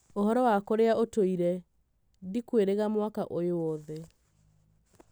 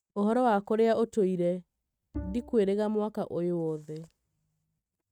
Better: first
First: none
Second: noise reduction (neural mask model RNNoise)

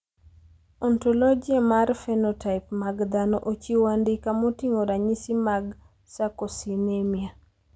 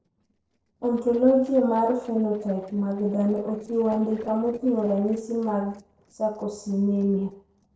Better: first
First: none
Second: noise reduction (neural separator model SepFormer DNS4)

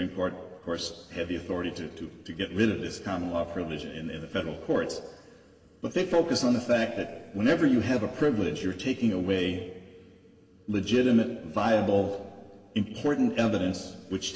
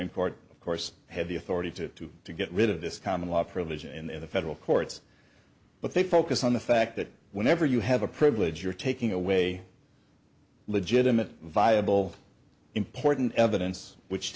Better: second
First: room echo; dies away in 2.7 s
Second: none

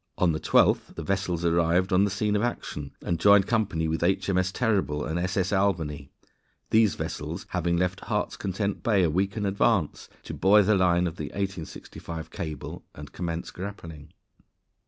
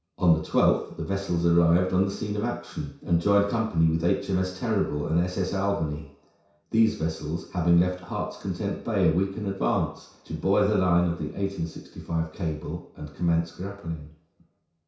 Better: first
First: none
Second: room echo; dies away in 0.6 s

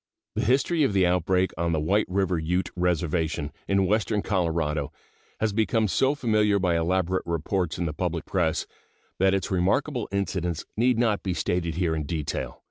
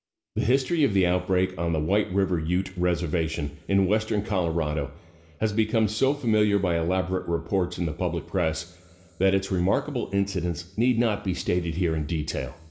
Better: first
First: none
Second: room echo; dies away in 2.8 s

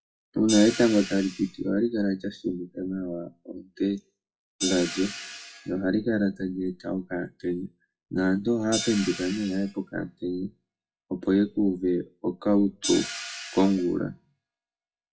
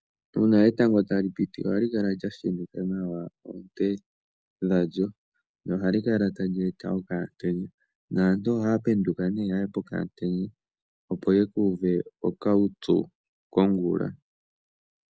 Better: second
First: noise reduction (classical method WPE with log-MMSE)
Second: none

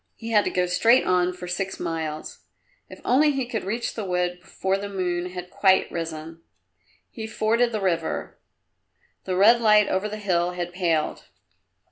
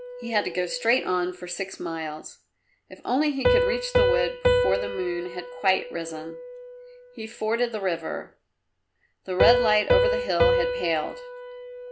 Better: first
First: none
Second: background sound (Piano); 1 dB above the speech

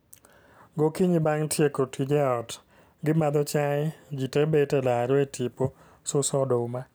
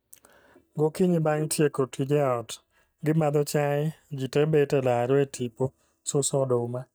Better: first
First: none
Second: noise reduction (neural mask model DeepFilterNet 3)

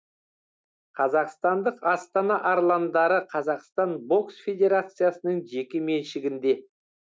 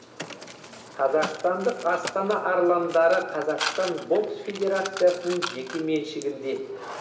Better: first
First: none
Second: background sound (Mechanisms); 11 dB below the speech // room echo; dies away in 1.2 s

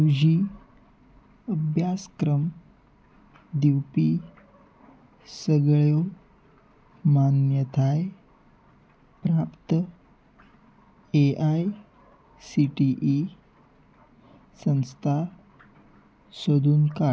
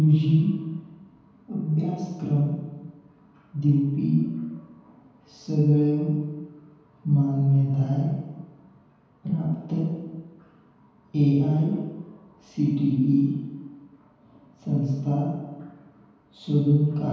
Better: first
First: none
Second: room echo; dies away in 1.2 s

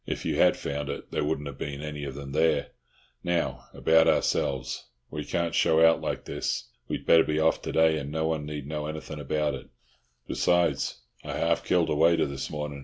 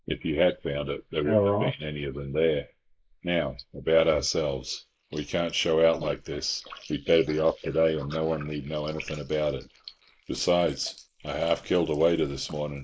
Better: first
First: none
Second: noise reduction (neural mask model Resemble Enhance denoiser)

